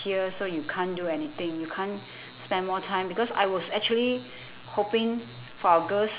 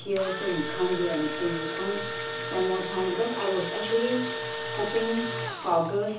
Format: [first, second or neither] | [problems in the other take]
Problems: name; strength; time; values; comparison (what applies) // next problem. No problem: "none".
first | background sound (Engine / Drill); 5 dB below the speech // room echo; dies away in 0.6 s